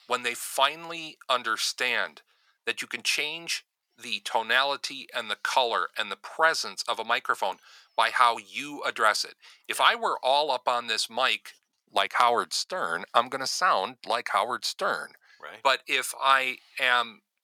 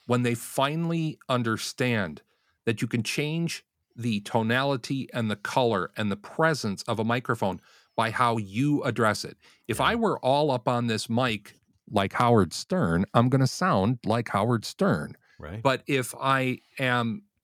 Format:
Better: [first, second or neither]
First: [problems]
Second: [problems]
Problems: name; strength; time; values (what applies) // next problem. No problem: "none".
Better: second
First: thin; very; fading below 850 Hz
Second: none